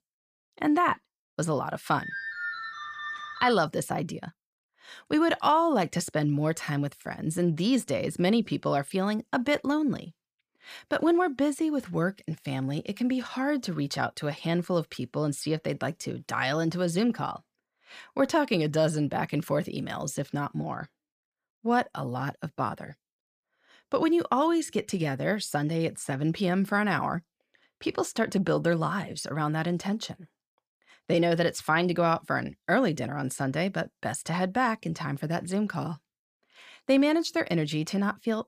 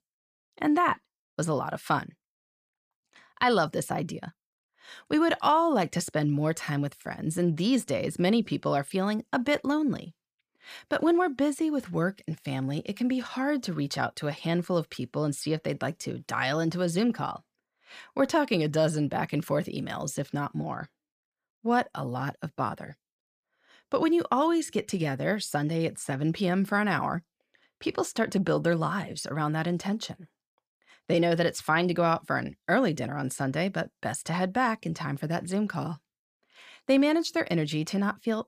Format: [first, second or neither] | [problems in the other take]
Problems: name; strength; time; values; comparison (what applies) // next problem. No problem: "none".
second | phone ringing; noticeable; from 2 to 3.5 s; peak 5 dB below the speech